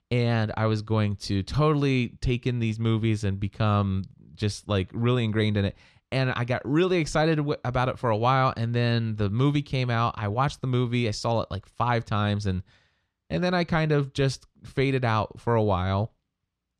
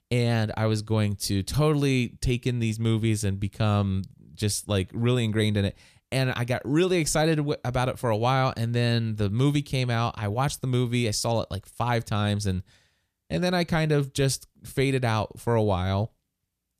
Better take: second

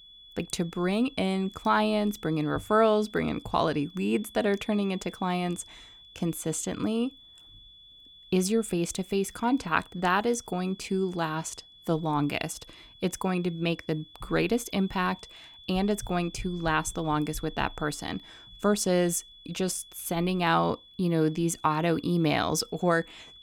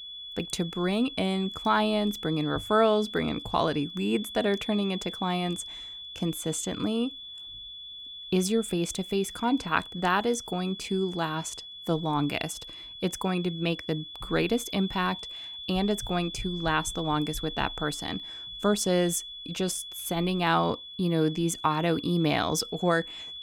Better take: first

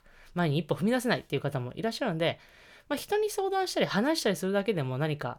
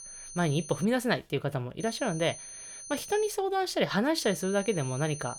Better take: first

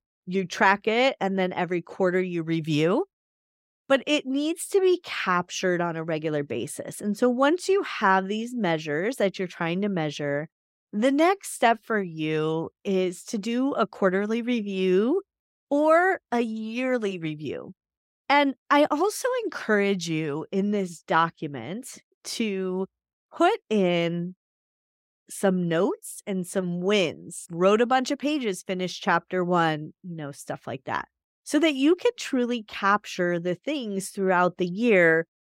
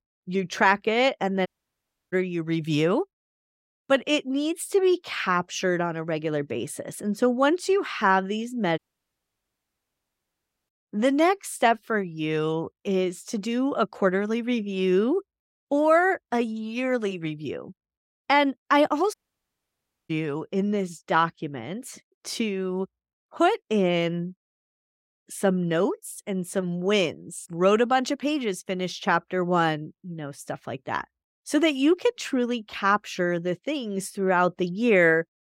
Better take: first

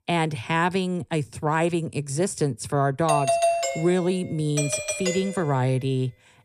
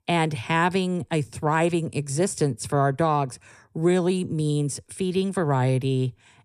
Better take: second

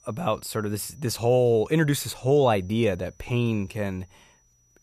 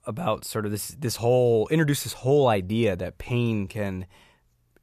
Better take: second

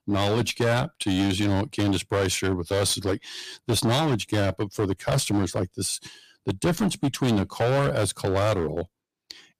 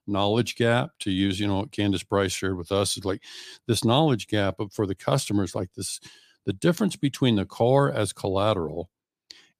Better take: second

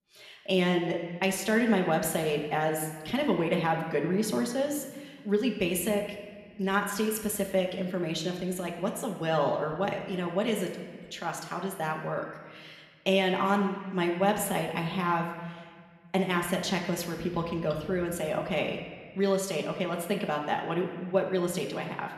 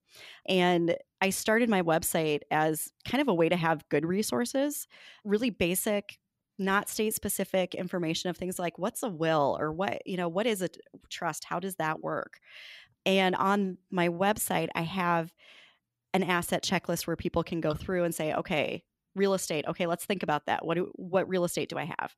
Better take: second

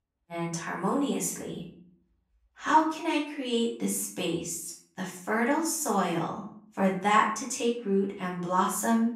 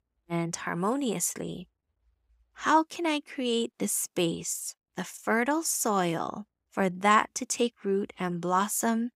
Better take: second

